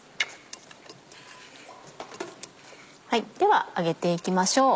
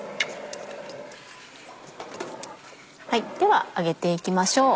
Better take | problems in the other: first | background sound (Fire); 14 dB below the speech

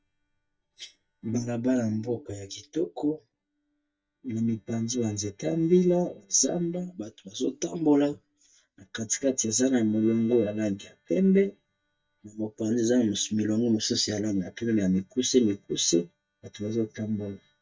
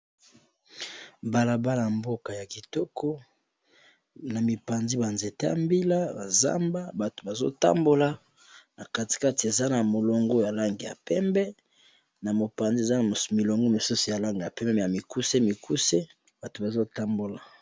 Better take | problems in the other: second | noise reduction (neural mask model DeepFilterNet 3)

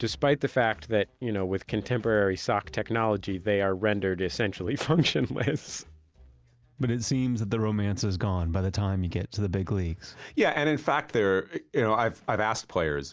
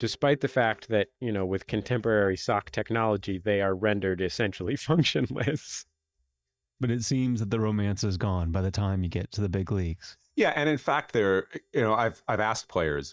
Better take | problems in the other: first | noise reduction (neural mask model DeepFilterNet 3)

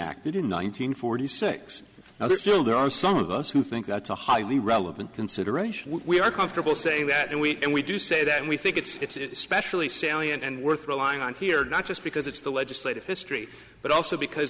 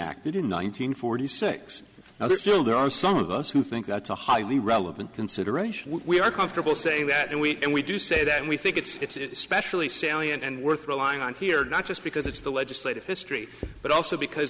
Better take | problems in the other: first | background sound (Writing); 13 dB below the speech

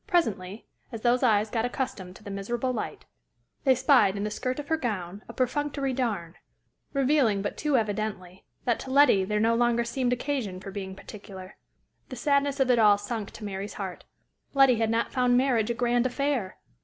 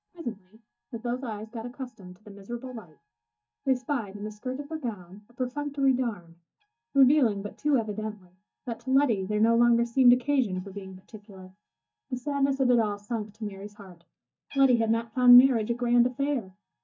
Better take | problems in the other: first | noise reduction (neural mask model DeepFilterNet 3)

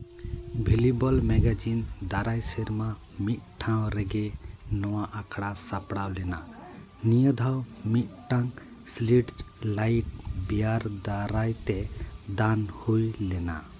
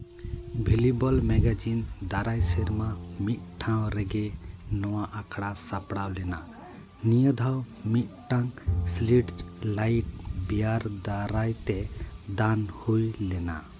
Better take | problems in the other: first | background sound (Bowed string instrument); 11 dB below the speech

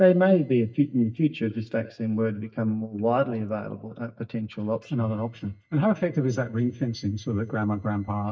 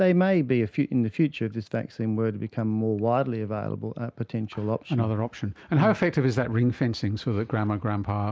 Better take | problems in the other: second | noise reduction (neural mask model DeepFilterNet 3)

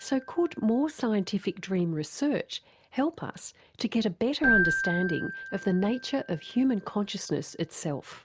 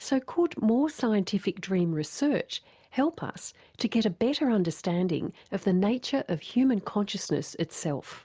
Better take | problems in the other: second | background sound (Keyboard (musical)); 7 dB below the speech

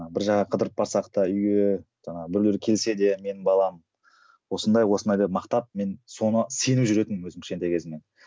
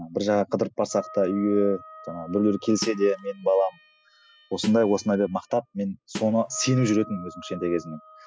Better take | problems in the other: first | noise reduction (classical method spectral subtraction)

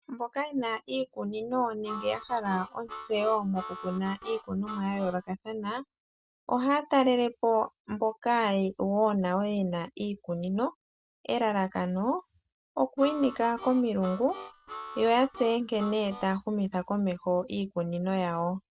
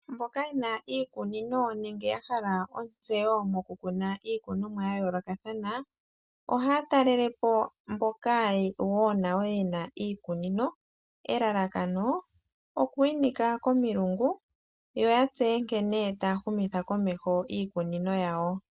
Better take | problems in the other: second | background sound (Harmonica); 13 dB below the speech

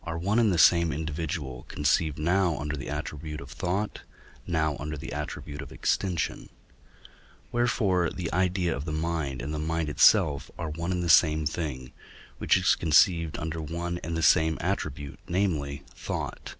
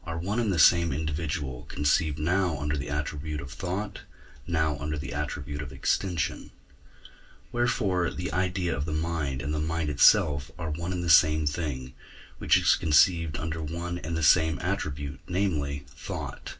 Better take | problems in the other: first | room echo; dies away in 0.2 s

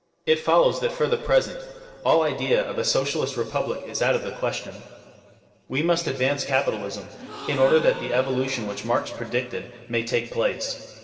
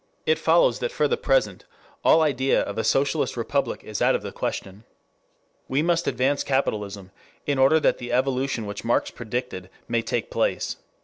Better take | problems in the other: second | noise reduction (neural separator model SepFormer DNS4)

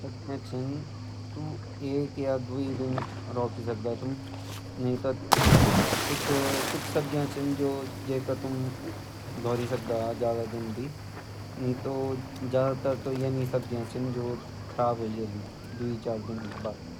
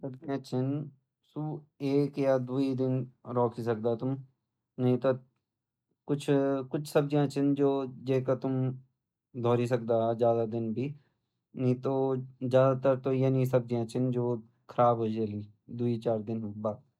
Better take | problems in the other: second | background sound (Cricket / Waves, surf); 1 dB below the speech

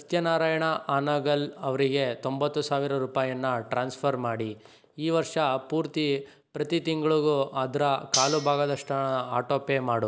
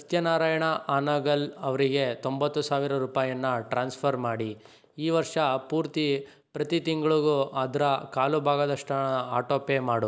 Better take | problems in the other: second | background sound (Cutlery, silverware); 7 dB below the speech

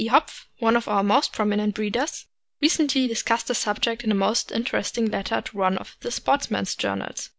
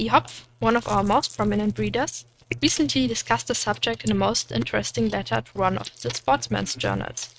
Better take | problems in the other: first | noise reduction (neural mask model RNNoise)

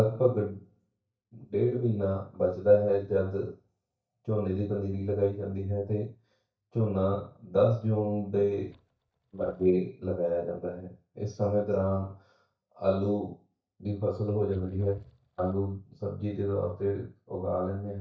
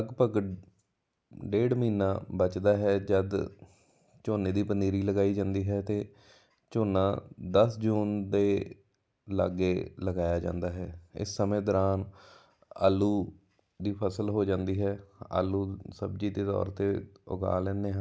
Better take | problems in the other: second | noise reduction (neural mask model DeepFilterNet 3)

